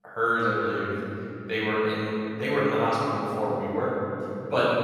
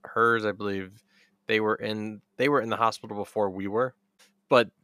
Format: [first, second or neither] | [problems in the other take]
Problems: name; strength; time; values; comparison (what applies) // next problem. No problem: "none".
second | room echo; strong; dies away in 3 s // off-mic speech; far